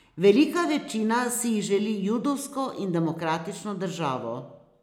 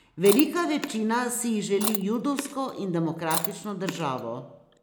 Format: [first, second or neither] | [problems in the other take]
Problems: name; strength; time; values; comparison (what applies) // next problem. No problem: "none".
first | background sound (Chewing, mastication); 9 dB below the speech